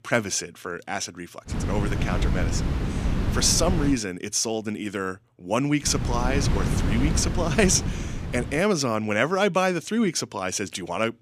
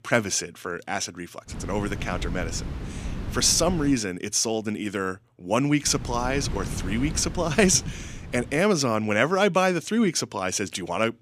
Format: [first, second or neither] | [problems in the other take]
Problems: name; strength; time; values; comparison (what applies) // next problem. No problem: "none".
second | wind noise on the microphone; heavy; from 1.5 to 4 s and from 6 to 8.5 s; 9 dB below the speech; occasional gusts in the second